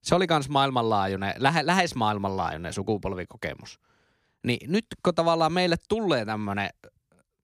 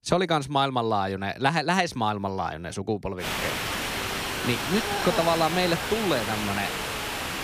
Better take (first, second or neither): first